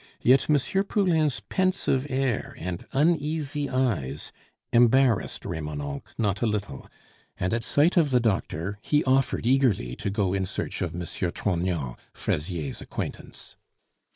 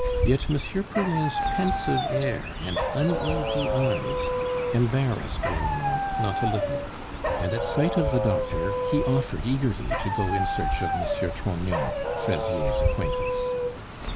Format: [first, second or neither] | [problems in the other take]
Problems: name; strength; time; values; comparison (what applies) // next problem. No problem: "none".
first | background sound (Chirp, tweet + Dog); 1 dB above the speech